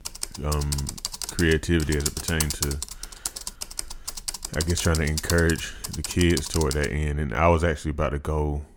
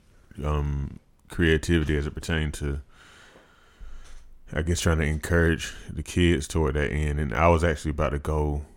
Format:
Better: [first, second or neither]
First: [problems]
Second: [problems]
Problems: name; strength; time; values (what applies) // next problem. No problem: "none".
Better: second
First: keyboard typing; noticeable; until 7 s; peak 1 dB below the speech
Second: none